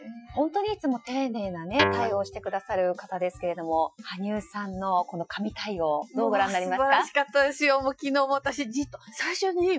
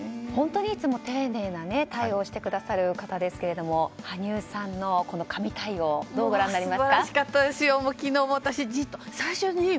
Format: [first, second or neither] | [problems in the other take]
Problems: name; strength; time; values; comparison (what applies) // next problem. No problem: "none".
second | noise reduction (classical method Wiener filter)